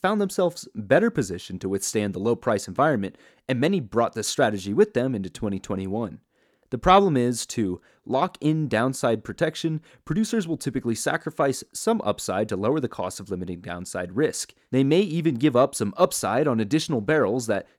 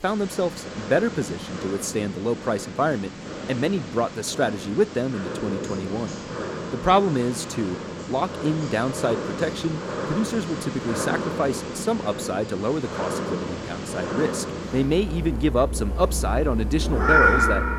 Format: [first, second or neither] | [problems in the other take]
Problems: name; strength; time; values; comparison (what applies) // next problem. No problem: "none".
first | animal sounds; loud; throughout; 3 dB below the speech